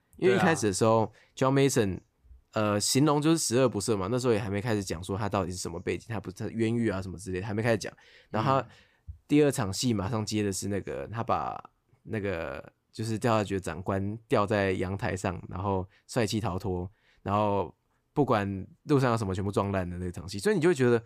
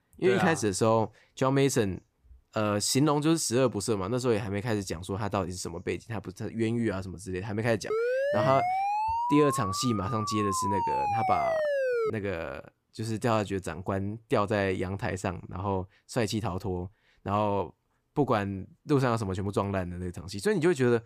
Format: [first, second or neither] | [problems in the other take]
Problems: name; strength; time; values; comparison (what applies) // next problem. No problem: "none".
first | siren; loud; from 8 to 12 s; peak 1 dB above the speech